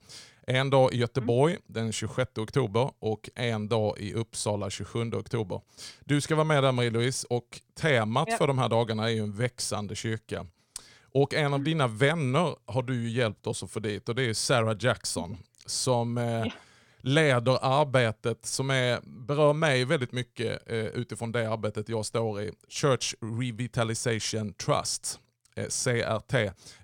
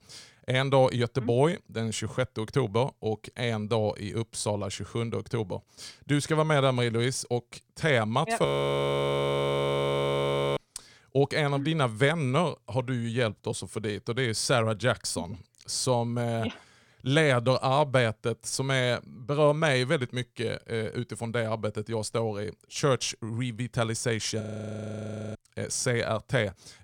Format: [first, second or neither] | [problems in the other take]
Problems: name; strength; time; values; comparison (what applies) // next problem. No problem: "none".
first | audio freezing; at 8.5 s for 2 s and at 24 s for 1 s